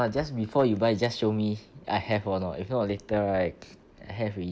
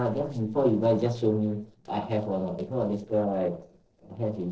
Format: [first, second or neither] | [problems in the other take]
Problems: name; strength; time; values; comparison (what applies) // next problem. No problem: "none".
first | noise reduction (neural separator model SepFormer DNS4)